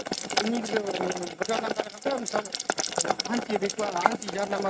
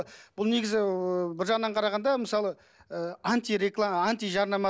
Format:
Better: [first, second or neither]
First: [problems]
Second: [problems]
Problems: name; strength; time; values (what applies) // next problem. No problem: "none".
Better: second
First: noise reduction (neural mask model RNNoise)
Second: none